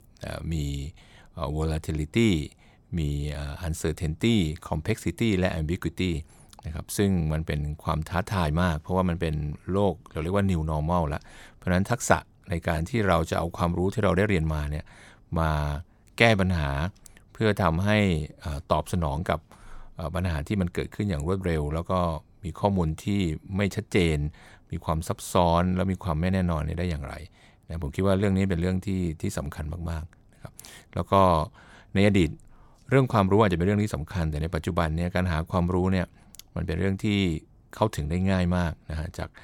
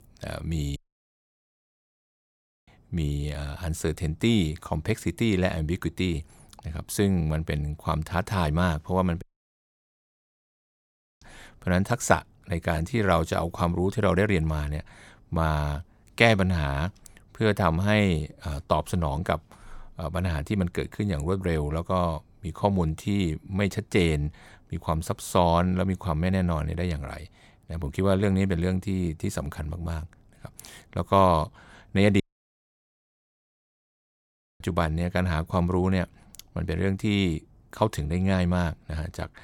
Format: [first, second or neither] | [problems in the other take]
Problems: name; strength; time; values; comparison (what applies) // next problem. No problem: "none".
first | audio cutting out; at 1 s for 2 s, at 9 s for 2 s and at 32 s for 2.5 s